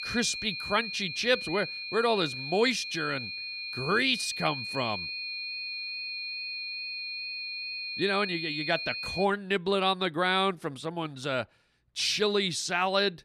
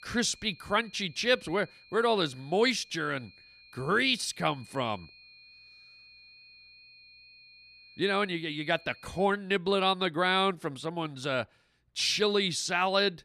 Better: second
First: high-pitched whine; loud; until 9 s; 2.5 kHz, 5 dB below the speech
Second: high-pitched whine; faint; until 9 s; 2.5 kHz, 25 dB below the speech

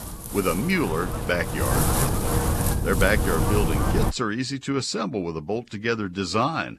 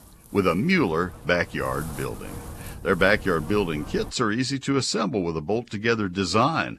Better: second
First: wind noise on the microphone; heavy; until 4 s; 3 dB below the speech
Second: wind noise on the microphone; occasional gusts; until 4 s; 20 dB below the speech

